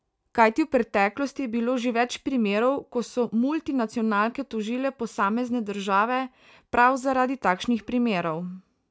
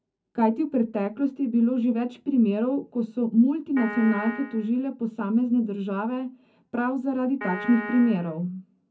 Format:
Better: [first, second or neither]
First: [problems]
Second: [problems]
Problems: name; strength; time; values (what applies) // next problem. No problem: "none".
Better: first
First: none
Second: background sound (Piano); 10 dB below the speech // room echo; dies away in 0.4 s